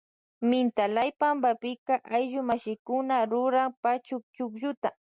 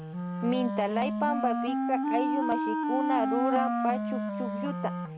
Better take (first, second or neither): first